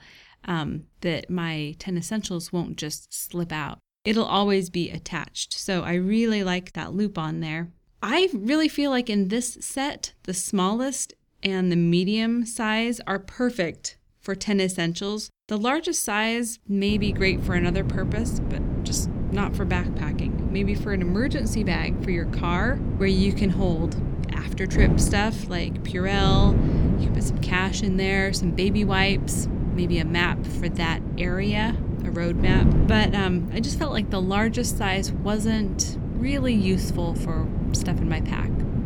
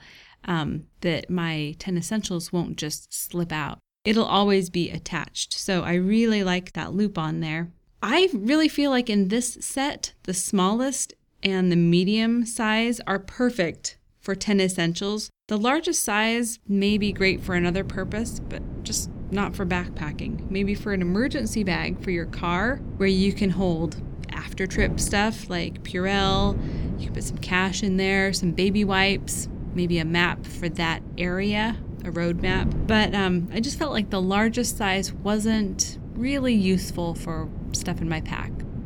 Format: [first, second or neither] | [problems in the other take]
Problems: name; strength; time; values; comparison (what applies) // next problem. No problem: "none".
second | wind noise on the microphone; heavy; from 17 s on; 8 dB below the speech; occasional gusts in the second